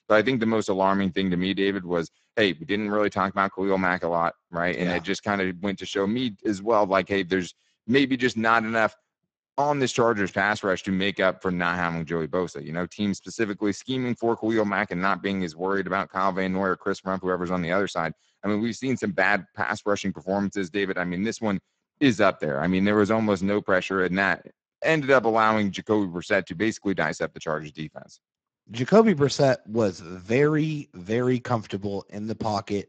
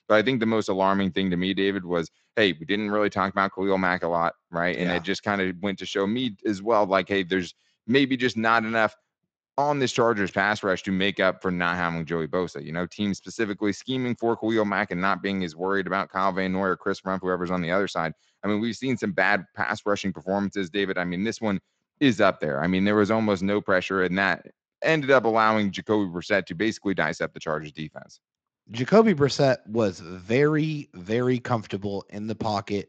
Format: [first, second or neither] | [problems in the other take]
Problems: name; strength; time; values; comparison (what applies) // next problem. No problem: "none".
second | garbled, watery; badly; nothing above 7.5 kHz; slightly in the second